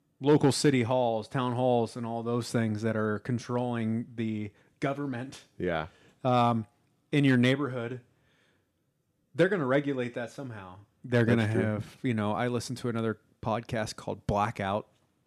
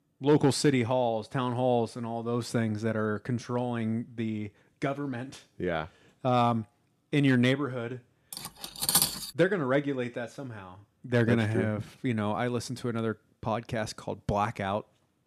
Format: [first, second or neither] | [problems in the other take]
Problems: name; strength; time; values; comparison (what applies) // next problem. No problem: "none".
first | clattering dishes; loud; at 8.5 s; peak 6 dB above the speech